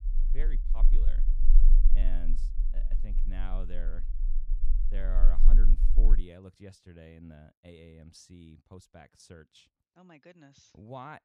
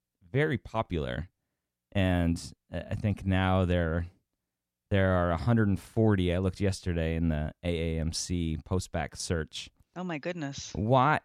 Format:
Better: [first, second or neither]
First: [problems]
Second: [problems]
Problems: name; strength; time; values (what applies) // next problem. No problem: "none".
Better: second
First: low rumble; loud; until 6 s; 8 dB below the speech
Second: none